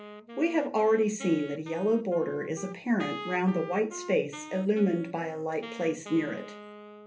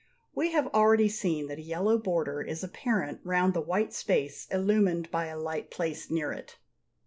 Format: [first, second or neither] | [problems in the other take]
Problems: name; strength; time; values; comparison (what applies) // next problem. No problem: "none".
second | background sound (Wind instrument, woodwind instrument); 14 dB below the speech // room echo; dies away in 0.3 s